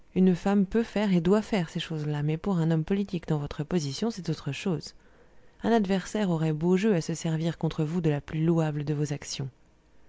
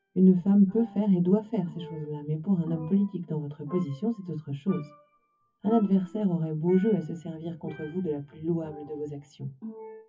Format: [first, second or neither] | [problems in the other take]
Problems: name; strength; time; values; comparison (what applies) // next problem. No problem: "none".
first | noise reduction (classical method WPE with log-MMSE)